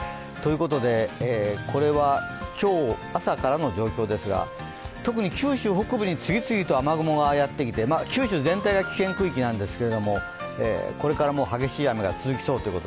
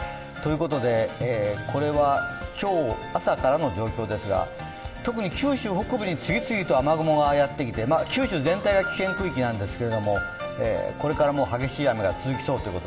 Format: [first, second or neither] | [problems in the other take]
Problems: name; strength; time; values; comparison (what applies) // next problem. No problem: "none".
first | room echo; dies away in 1.3 s